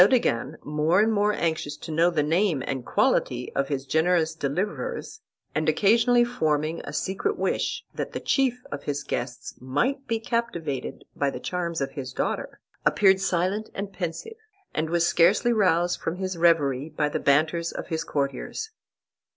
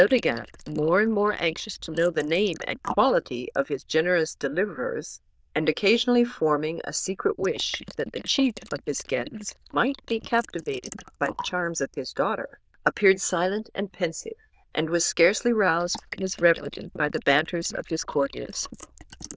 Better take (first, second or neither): first